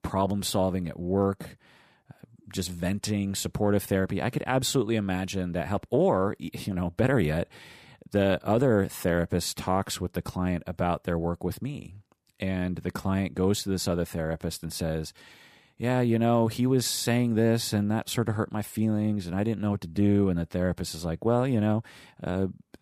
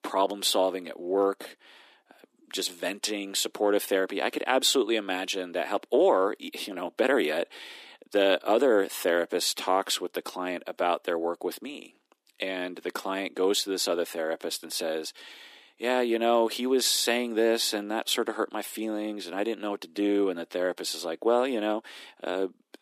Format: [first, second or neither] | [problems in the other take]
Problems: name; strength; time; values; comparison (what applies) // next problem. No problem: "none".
first | thin; somewhat; fading below 300 Hz